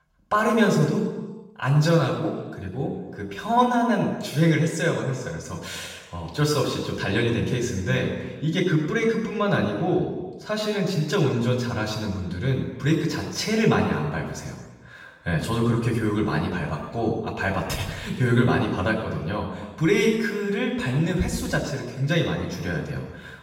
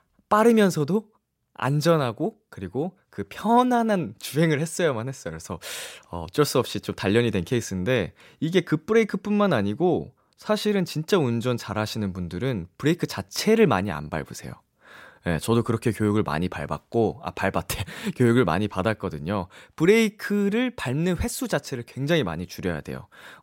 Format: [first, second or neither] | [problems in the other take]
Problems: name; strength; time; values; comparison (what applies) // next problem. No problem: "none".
second | room echo; noticeable; dies away in 1.1 s // off-mic speech; far